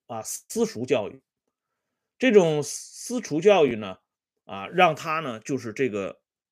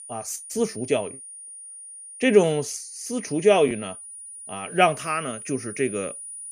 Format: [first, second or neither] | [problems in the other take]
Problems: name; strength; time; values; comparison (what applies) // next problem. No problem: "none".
first | high-pitched whine; noticeable; throughout; 9.5 kHz, 15 dB below the speech